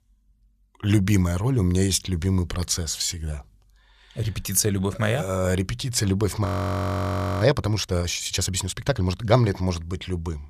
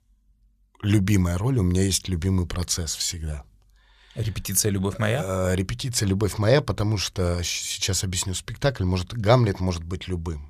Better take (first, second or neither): second